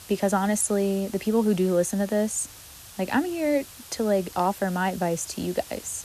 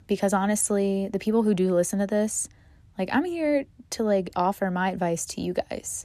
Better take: second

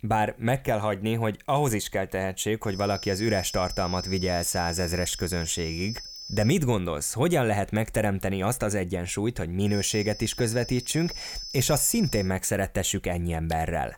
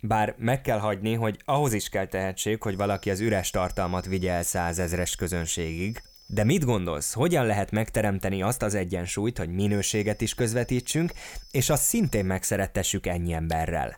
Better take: second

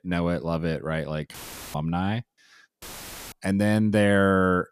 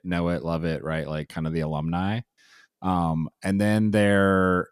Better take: second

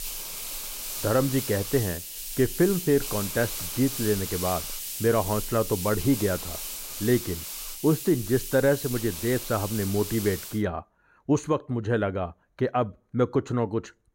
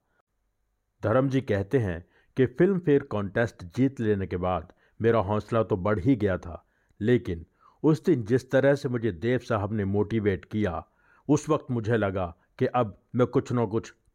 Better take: second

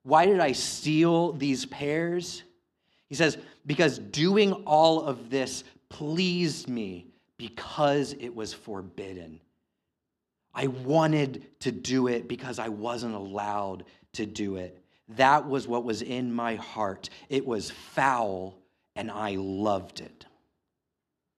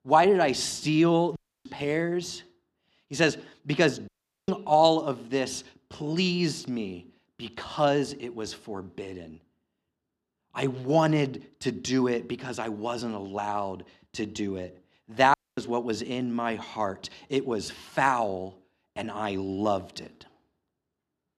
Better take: first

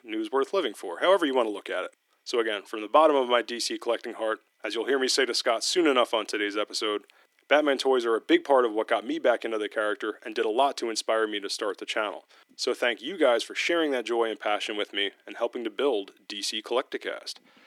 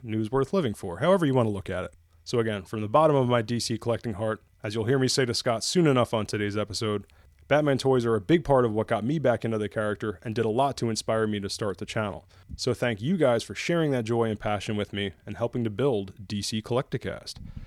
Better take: second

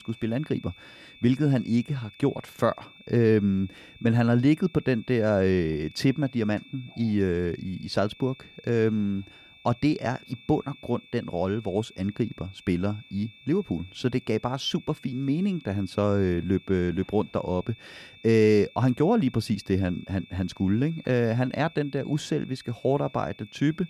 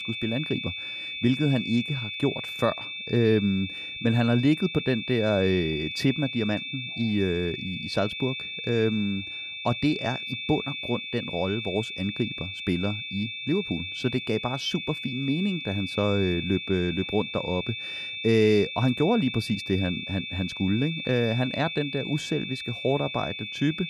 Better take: first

